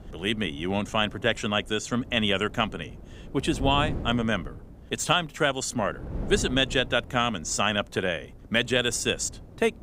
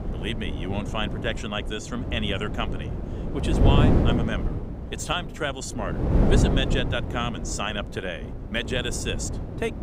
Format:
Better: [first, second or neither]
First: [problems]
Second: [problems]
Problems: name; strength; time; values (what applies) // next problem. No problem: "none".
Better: first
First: wind noise on the microphone; occasional gusts; 20 dB below the speech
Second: wind noise on the microphone; heavy; 4 dB below the speech